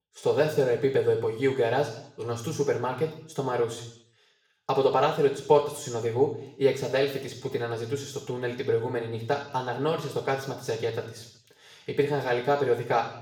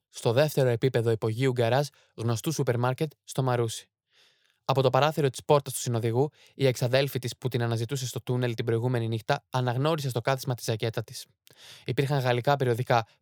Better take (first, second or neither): second